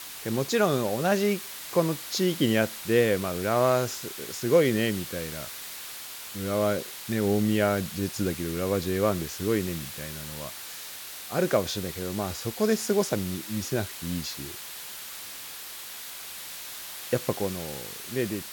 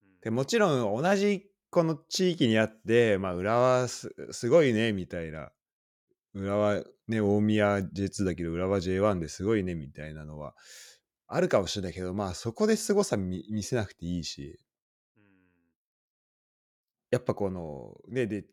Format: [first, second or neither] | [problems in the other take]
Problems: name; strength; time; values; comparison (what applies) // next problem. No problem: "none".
second | hiss; loud; throughout; 9 dB below the speech